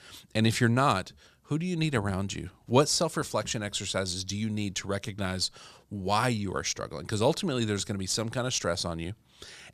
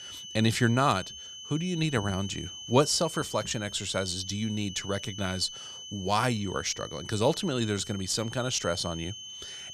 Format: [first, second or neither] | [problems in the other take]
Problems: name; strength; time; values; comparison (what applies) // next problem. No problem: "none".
first | high-pitched whine; noticeable; throughout; 3 kHz, 10 dB below the speech